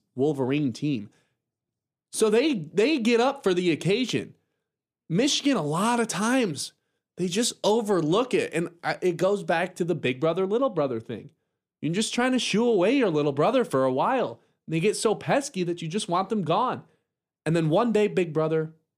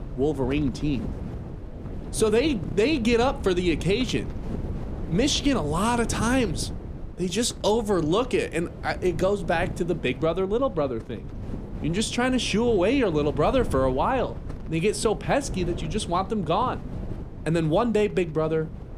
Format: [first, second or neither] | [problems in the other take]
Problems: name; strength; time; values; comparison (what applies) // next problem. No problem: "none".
first | wind noise on the microphone; occasional gusts; 15 dB below the speech